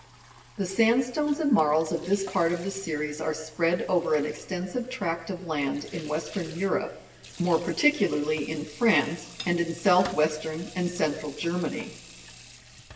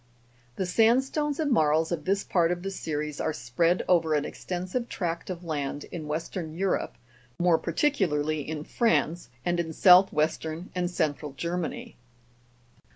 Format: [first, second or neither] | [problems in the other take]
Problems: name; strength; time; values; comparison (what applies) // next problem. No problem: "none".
second | background sound (Sink (filling or washing) / Water tap, faucet); 20 dB below the speech // room echo; dies away in 1.4 s